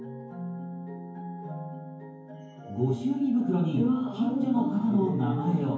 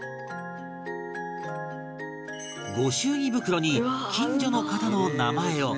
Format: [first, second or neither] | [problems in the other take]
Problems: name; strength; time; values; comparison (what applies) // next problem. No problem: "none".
second | room echo; dies away in 0.9 s